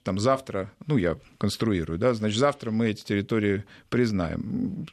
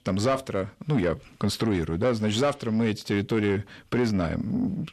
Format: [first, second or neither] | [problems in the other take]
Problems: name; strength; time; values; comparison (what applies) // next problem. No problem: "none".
first | distortion; slight; 10 dB below the speech